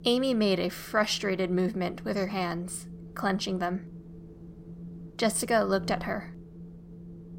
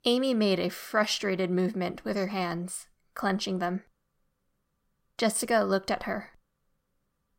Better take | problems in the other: second | wind noise on the microphone; occasional gusts; 25 dB below the speech

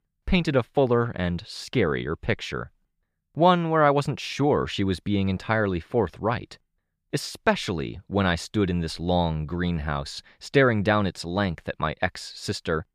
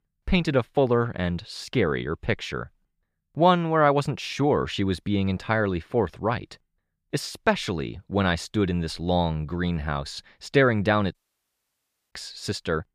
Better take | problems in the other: first | audio cutting out; at 11 s for 1 s

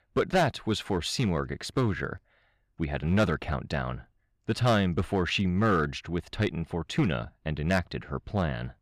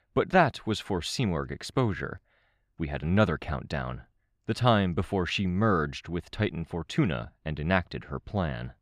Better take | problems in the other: second | distortion; slight; 3% of the sound clipped

